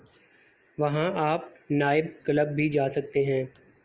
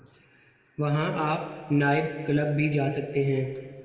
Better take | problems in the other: first | room echo; dies away in 2 s

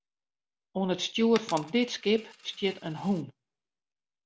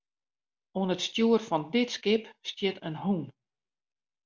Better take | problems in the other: second | background sound (Coin (dropping)); 20 dB below the speech

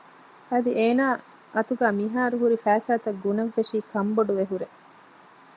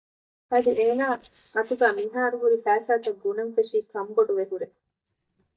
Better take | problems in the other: first | noise reduction (neural mask model DeepFilterNet 3)

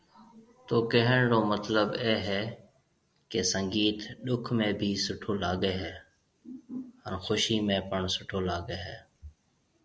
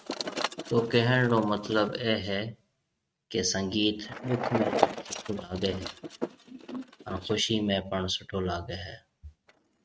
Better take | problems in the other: first | noise reduction (neural mask model RNNoise)

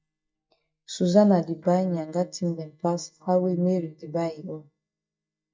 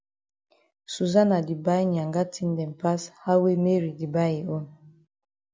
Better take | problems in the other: second | noise reduction (neural mask model DeepFilterNet 3)

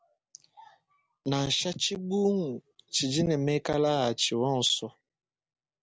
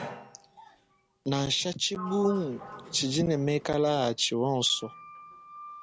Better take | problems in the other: first | background sound (Sliding door); 16 dB below the speech

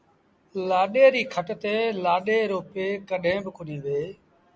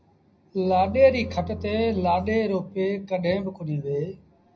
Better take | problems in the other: first | background sound (Bowed string instrument); 12 dB below the speech // room echo; dies away in 0.5 s

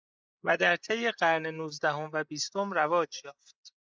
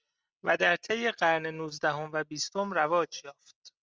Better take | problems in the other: second | noise reduction (neural mask model Resemble Enhance denoiser)

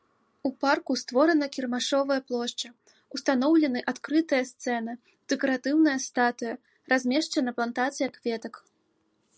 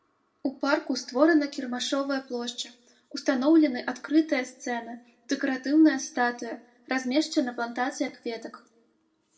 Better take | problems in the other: first | room echo; dies away in 0.4 s

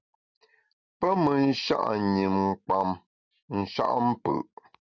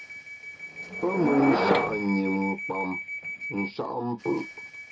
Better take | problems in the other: first | background sound (Subway, metro, underground / Door); 2 dB below the speech // room echo; dies away in 0.2 s

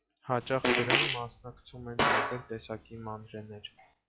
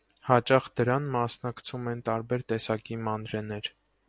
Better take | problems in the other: second | noise reduction (classical method log-MMSE)

